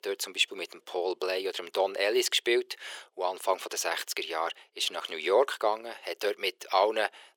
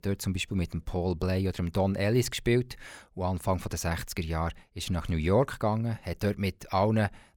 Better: second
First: thin; very; fading below 400 Hz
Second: none

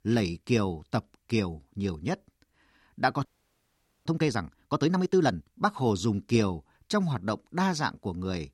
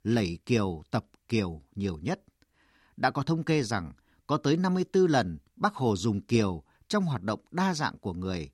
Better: second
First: audio freezing; at 3.5 s for 1 s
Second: none

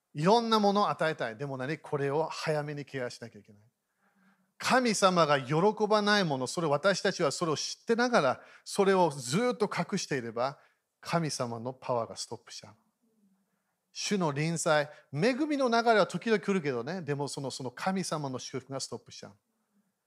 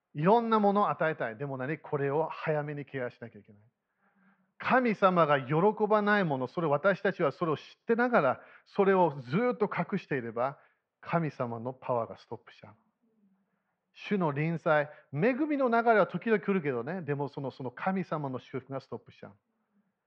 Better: first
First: none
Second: muffled; very; fading above 2.5 kHz

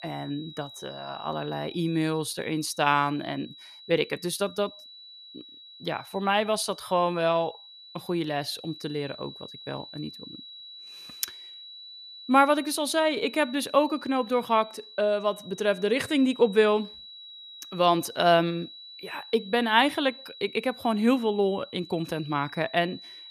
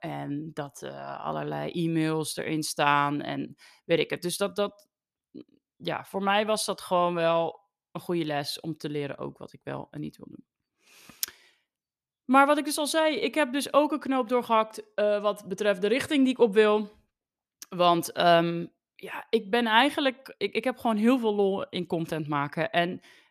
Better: second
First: high-pitched whine; noticeable; throughout; 4 kHz, 15 dB below the speech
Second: none

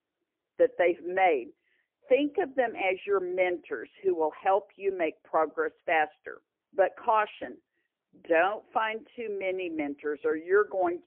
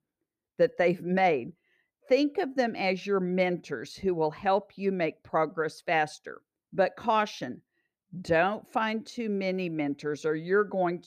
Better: second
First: phone-call audio; poor line; nothing above 3 kHz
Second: none

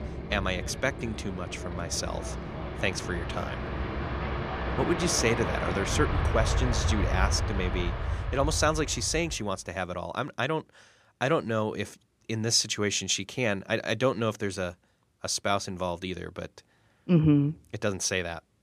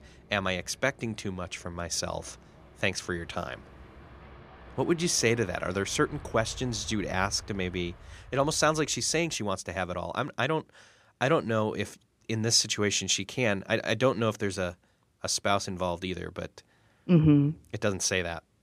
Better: second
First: train or aircraft noise; loud; until 9.5 s; 3 dB below the speech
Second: train or aircraft noise; faint; until 9.5 s; 20 dB below the speech

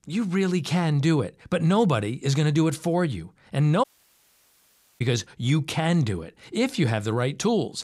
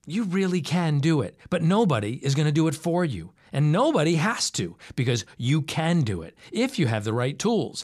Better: second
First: audio cutting out; at 4 s for 1 s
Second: none

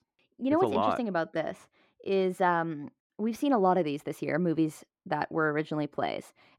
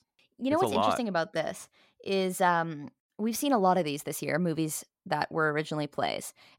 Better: second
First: muffled; slightly; fading above 4 kHz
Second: none

